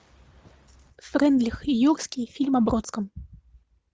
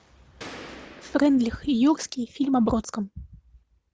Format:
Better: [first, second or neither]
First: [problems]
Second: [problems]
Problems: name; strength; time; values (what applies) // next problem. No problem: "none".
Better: first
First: none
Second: background sound (Gunshot, gunfire); 18 dB below the speech